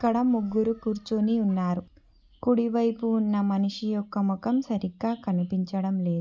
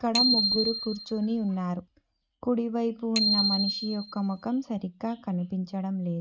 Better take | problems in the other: first | noise reduction (neural mask model RNNoise)

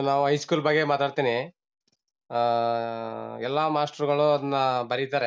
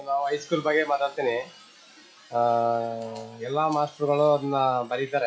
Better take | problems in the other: first | noise reduction (classical method log-MMSE)

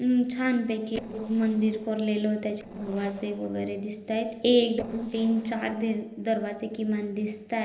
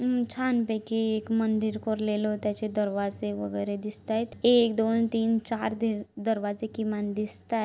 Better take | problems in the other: second | noise reduction (neural separator model SepFormer DNS4)

